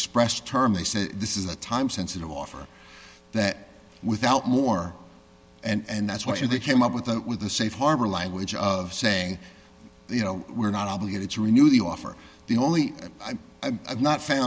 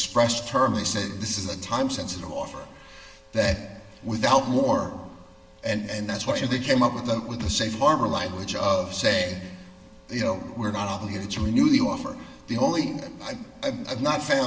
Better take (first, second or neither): first